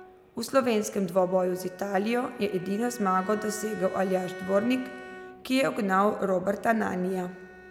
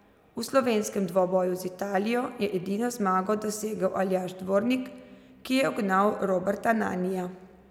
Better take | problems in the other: second | background sound (Bowed string instrument); 18 dB below the speech

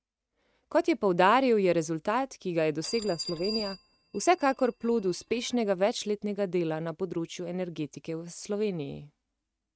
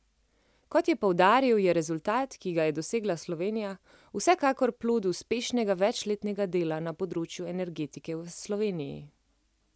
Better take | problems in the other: second | noise reduction (neural mask model RNNoise)

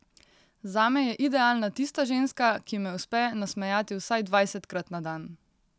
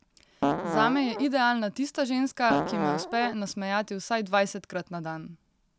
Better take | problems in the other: first | background sound (Fart); as loud as the speech

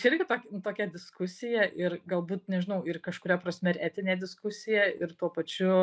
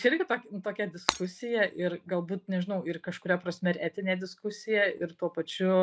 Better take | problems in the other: first | background sound (Shatter); 5 dB below the speech

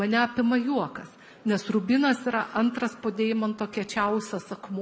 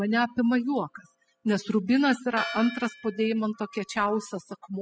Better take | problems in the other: first | noise reduction (classical method spectral subtraction)

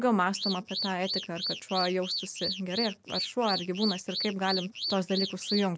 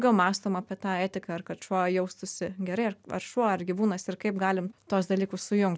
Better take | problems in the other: second | background sound (Alarm / Car); 5 dB below the speech

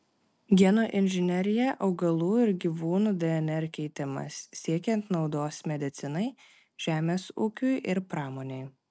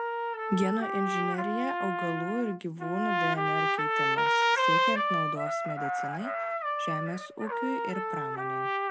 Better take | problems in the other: first | background sound (Trumpet); 5 dB above the speech

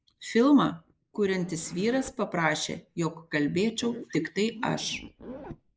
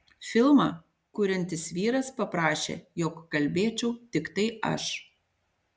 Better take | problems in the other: second | noise reduction (neural mask model Resemble Enhance denoiser)

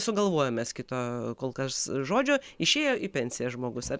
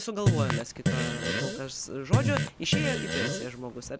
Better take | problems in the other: first | background sound (Fart); 5 dB above the speech

